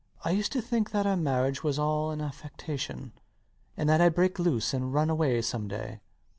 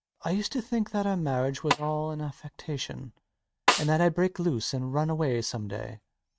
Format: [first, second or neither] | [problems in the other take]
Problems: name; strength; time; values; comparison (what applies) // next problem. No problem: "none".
first | noise reduction (neural mask model RNNoise)